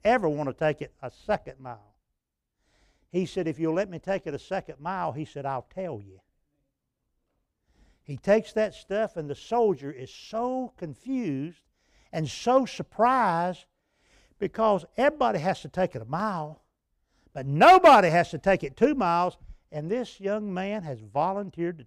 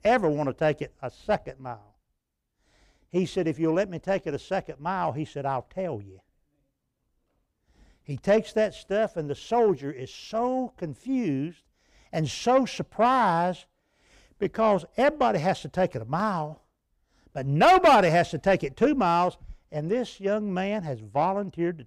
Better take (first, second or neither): first